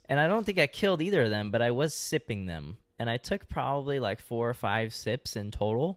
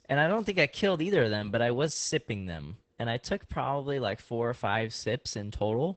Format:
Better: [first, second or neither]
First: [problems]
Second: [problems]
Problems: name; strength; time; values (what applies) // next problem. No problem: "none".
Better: first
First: garbled, watery; slightly; nothing above 16 kHz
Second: garbled, watery; badly; nothing above 8 kHz